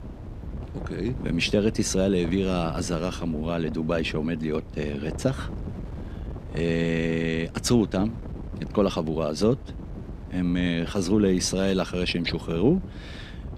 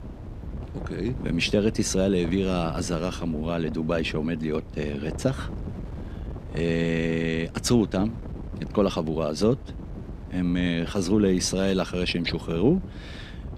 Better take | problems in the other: neither | wind noise on the microphone; occasional gusts; 15 dB below the speech; the same in both

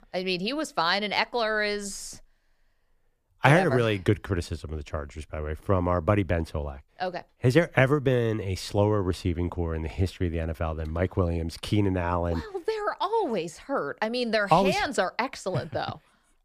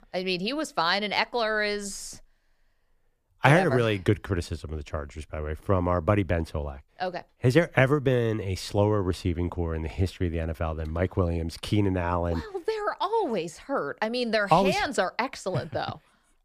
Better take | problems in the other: neither | none

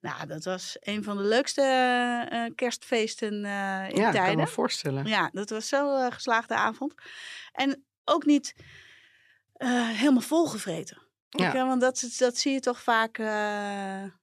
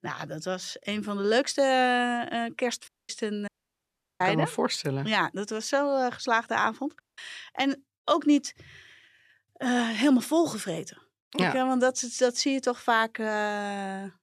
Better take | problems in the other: first | audio cutting out; at 3 s, at 3.5 s for 0.5 s and at 7 s

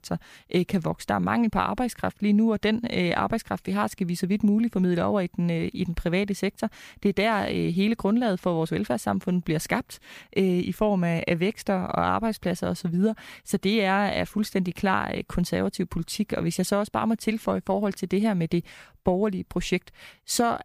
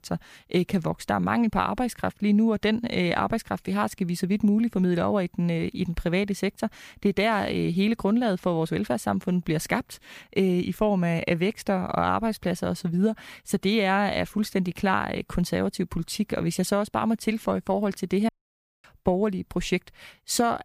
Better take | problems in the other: first | audio cutting out; at 18 s for 0.5 s

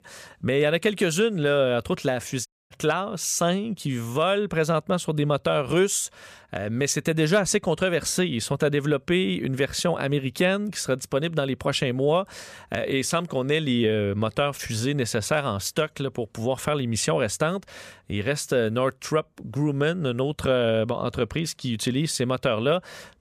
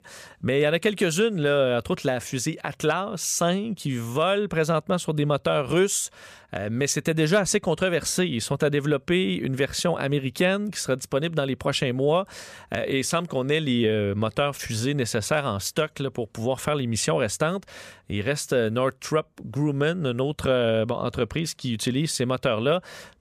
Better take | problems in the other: second | audio cutting out; at 2.5 s

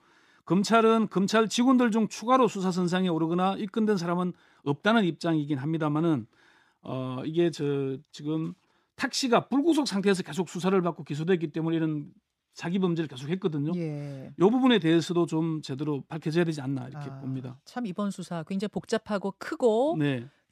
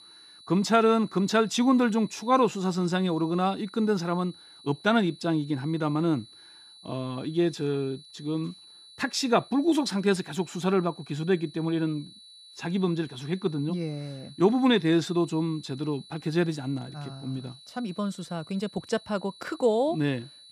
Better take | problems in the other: first | high-pitched whine; faint; throughout; 4 kHz, 20 dB below the speech

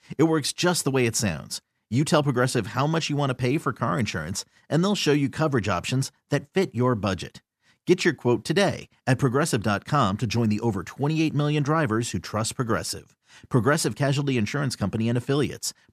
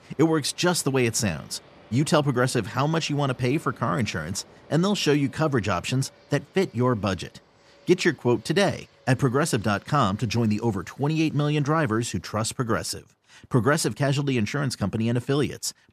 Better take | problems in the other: first | train or aircraft noise; faint; throughout; 30 dB below the speech

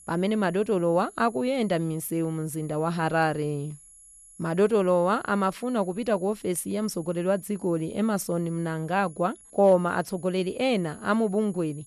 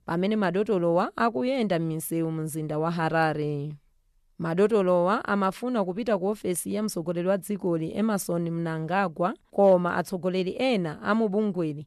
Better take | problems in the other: second | high-pitched whine; faint; throughout; 11 kHz, 25 dB below the speech

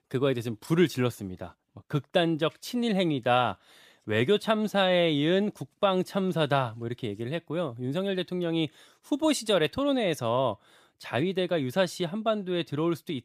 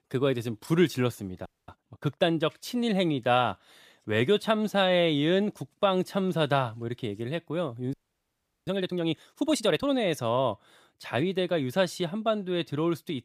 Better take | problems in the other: first | audio freezing; at 1.5 s and at 8 s for 0.5 s

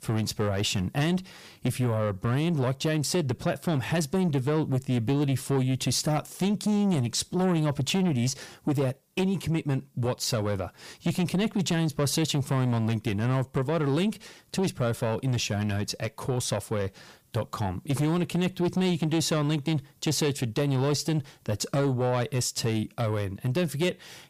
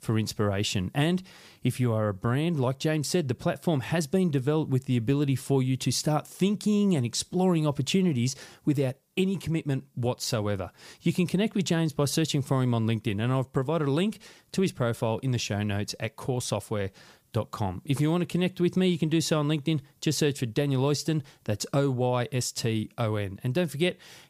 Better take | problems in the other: second | distortion; slight; 10 dB below the speech

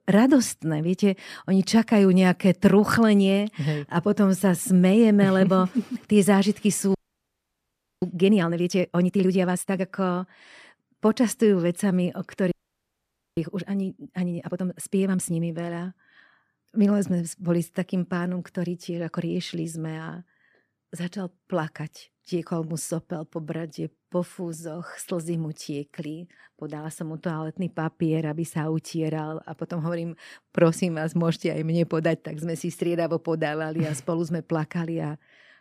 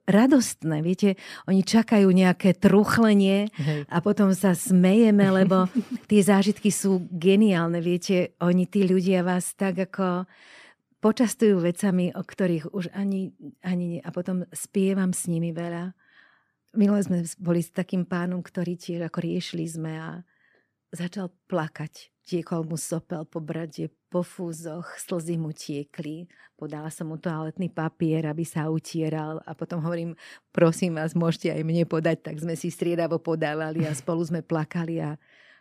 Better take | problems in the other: second | audio freezing; at 7 s for 1 s and at 13 s for 1 s

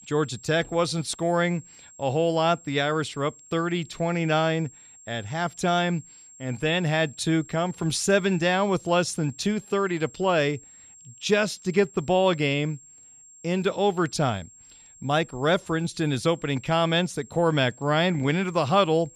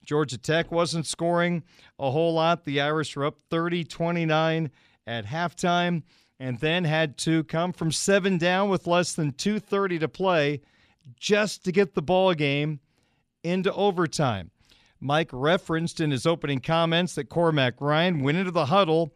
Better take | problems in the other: second | high-pitched whine; faint; throughout; 7.5 kHz, 20 dB below the speech

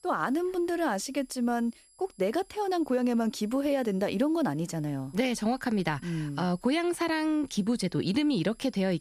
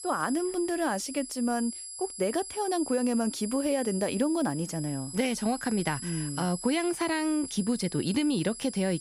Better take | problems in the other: first | high-pitched whine; loud; throughout; 10.5 kHz, 9 dB below the speech; faint in the first

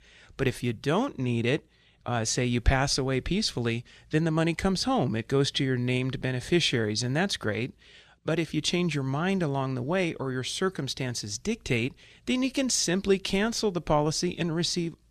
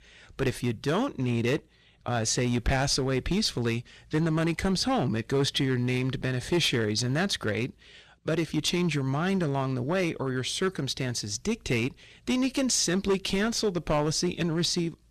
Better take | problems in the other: first | distortion; slight; 6% of the sound clipped

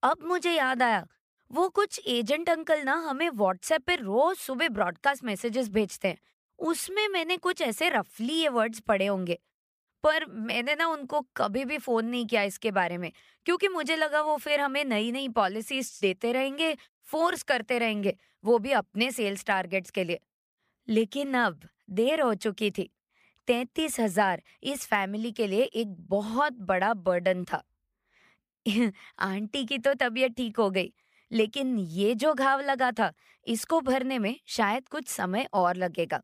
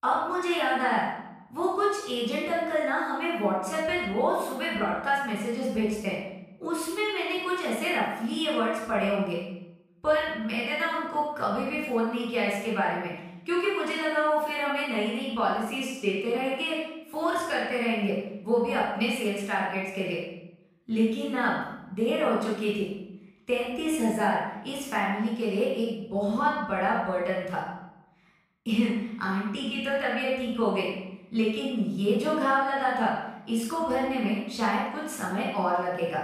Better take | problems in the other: first | off-mic speech; far // room echo; noticeable; dies away in 0.8 s

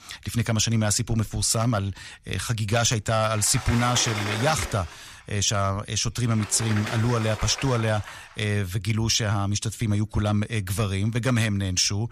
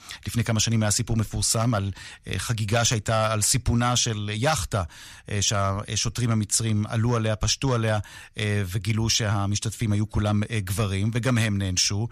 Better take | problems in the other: second | door banging; noticeable; from 3.5 to 8 s; peak 5 dB below the speech

